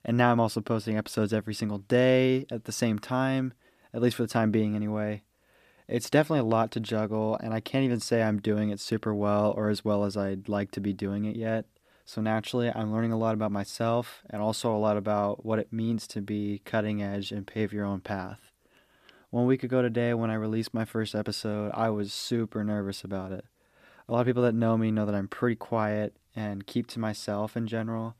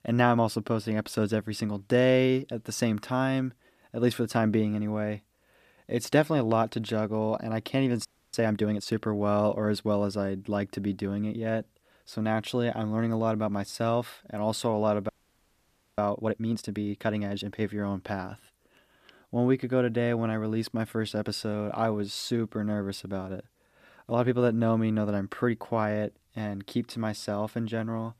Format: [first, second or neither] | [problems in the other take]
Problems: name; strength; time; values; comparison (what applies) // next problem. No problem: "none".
first | audio freezing; at 8 s and at 15 s for 1 s